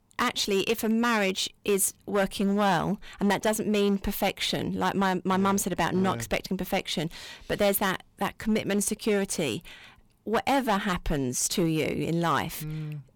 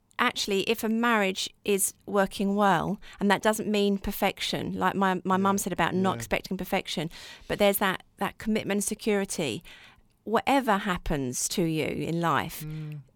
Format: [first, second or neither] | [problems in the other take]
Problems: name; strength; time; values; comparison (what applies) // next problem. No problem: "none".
second | distortion; slight; 5% of the sound clipped